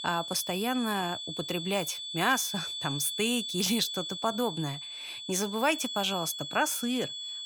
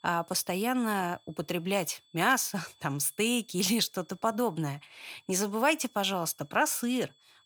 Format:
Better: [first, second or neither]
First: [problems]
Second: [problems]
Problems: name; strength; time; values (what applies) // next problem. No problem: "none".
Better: second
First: high-pitched whine; loud; throughout; 3.5 kHz, 5 dB below the speech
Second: high-pitched whine; faint; throughout; 3.5 kHz, 35 dB below the speech